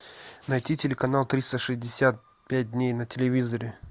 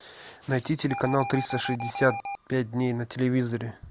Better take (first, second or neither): first